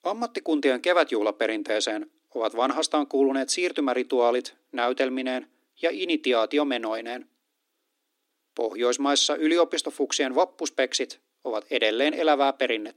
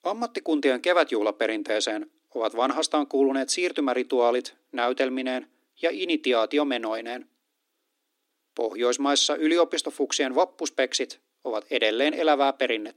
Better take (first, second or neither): neither